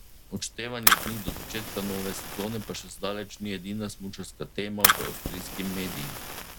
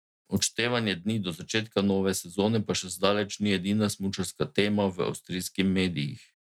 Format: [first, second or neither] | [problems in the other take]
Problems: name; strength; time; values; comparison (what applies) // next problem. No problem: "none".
second | background sound (Fire); 4 dB above the speech